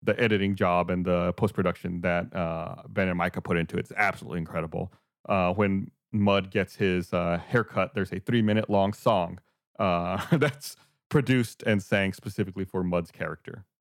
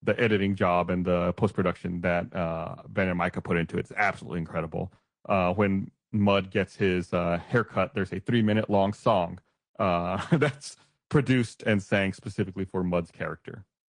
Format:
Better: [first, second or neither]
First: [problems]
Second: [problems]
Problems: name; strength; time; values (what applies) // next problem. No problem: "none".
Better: first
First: none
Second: garbled, watery; slightly